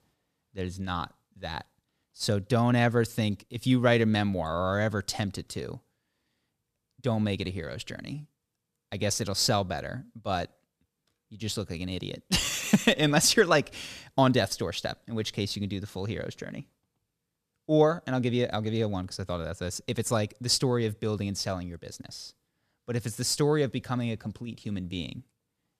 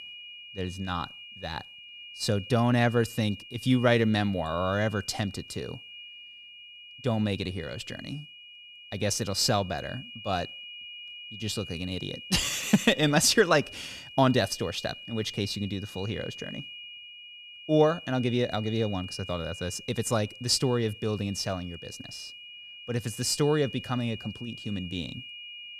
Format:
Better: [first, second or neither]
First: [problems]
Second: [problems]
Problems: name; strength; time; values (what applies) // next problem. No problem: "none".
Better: first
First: none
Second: high-pitched whine; noticeable; throughout; 3 kHz, 15 dB below the speech